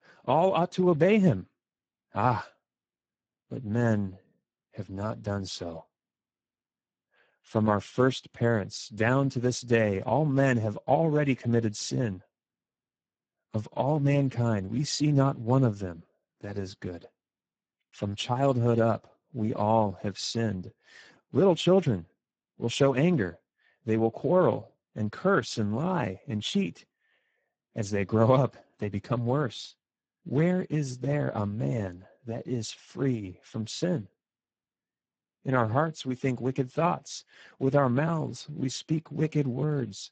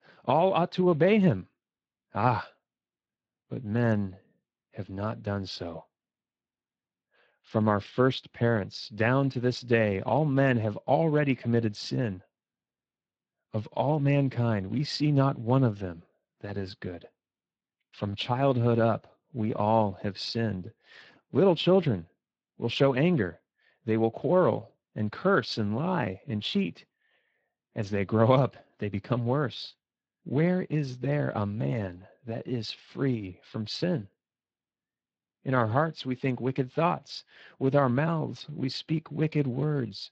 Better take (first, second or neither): second